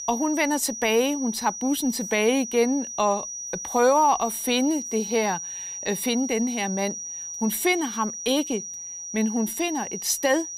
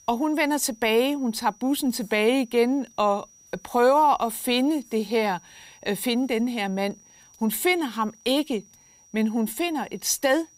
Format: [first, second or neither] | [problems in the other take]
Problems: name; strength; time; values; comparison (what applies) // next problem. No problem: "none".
second | high-pitched whine; loud; throughout; 6 kHz, 7 dB below the speech; faint in the second